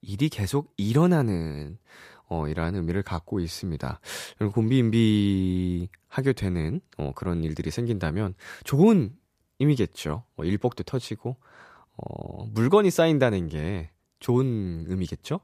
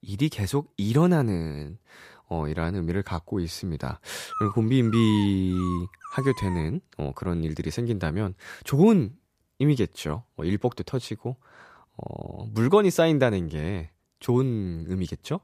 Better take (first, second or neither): first